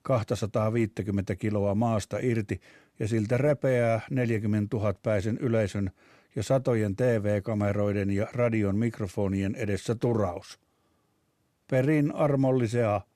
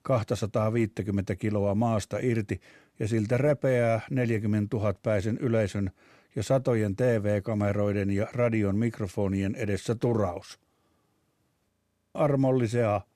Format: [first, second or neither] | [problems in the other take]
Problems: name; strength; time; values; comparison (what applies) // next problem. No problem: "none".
first | audio freezing; at 12 s